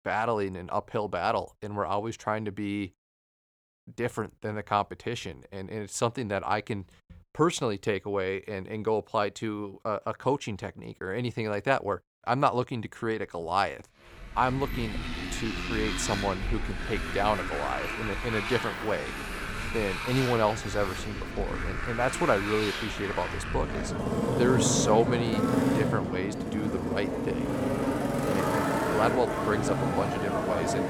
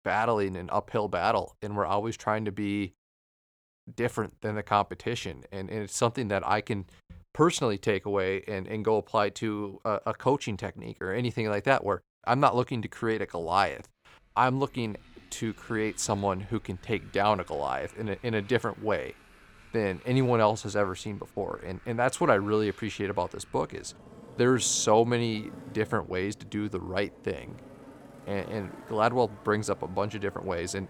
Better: second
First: traffic noise; loud; from 14 s on; as loud as the speech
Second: traffic noise; faint; from 14 s on; 20 dB below the speech

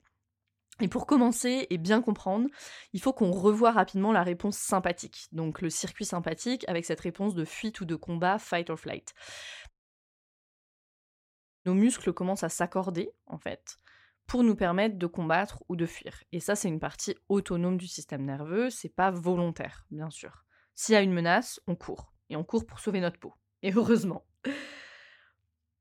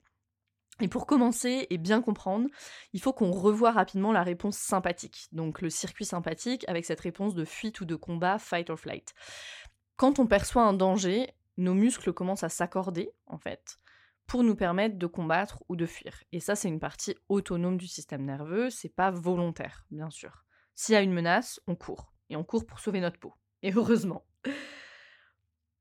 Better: second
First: audio cutting out; at 9.5 s for 2 s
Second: none

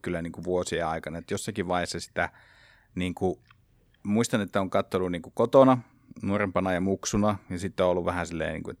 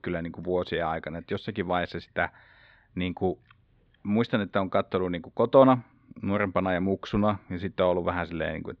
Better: first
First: none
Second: muffled; very; fading above 3.5 kHz

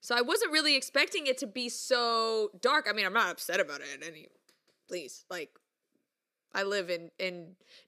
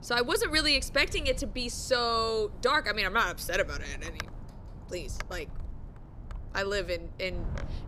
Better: first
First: none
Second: wind noise on the microphone; occasional gusts; 20 dB below the speech

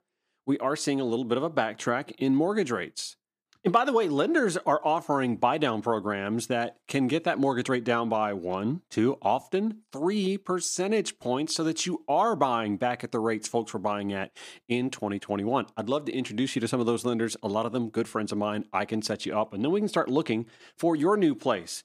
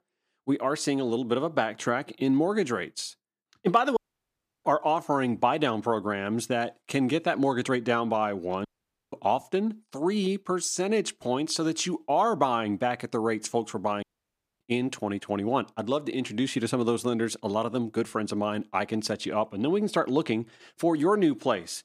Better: first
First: none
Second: audio cutting out; at 4 s for 0.5 s, at 8.5 s and at 14 s for 0.5 s

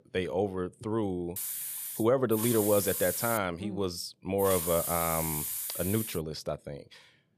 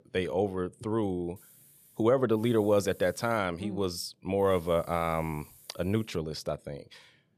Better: second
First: hiss; loud; from 1.5 to 3.5 s and from 4.5 to 6 s; 3 dB below the speech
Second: hiss; faint; from 1.5 to 3.5 s and from 4.5 to 6 s; 25 dB below the speech

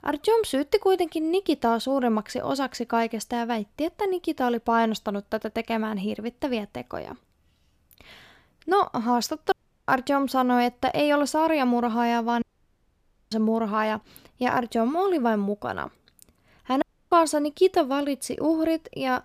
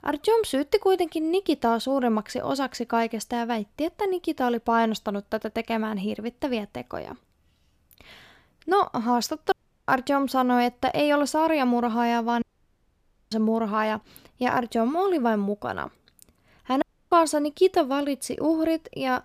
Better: neither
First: audio cutting out; at 9.5 s, at 12 s for 1 s and at 17 s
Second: audio cutting out; at 9.5 s, at 12 s for 1 s and at 17 s

